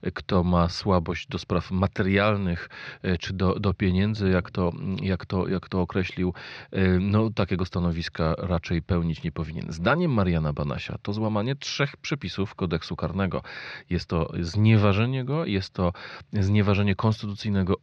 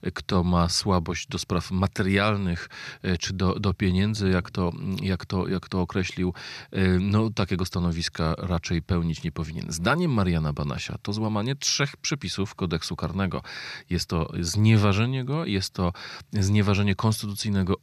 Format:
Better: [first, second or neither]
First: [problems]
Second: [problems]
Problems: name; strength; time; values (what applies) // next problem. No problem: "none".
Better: second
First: muffled; slightly; fading above 4 kHz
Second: none